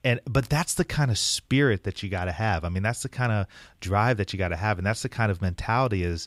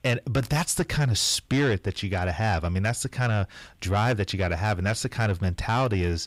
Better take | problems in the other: first | distortion; slight; 10 dB below the speech

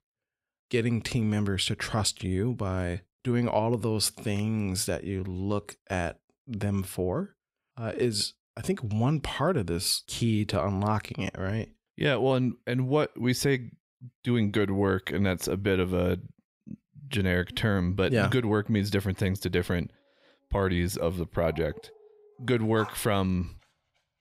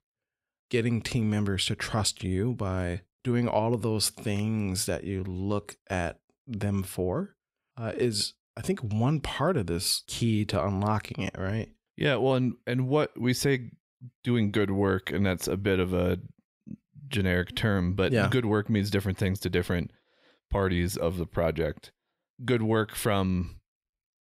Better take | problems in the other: second | animal sounds; faint; from 19 s on; 20 dB below the speech

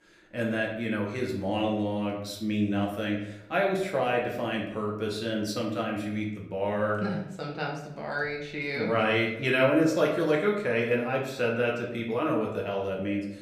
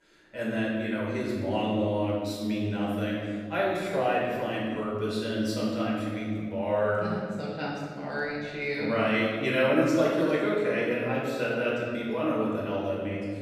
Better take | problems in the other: first | room echo; strong; dies away in 1.7 s; slight in the first // off-mic speech; far; somewhat distant in the first

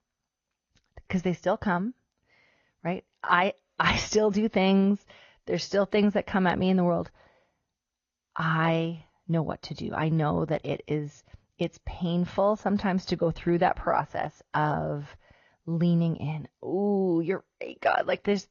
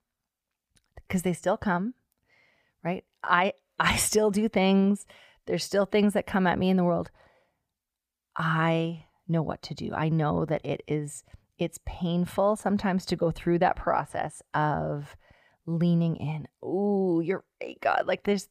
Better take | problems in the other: second | garbled, watery; slightly; nothing above 6.5 kHz

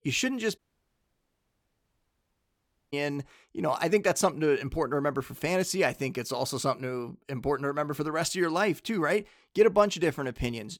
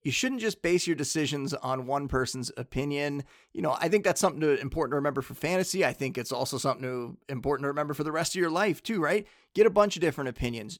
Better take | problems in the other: second | audio cutting out; at 0.5 s for 2.5 s

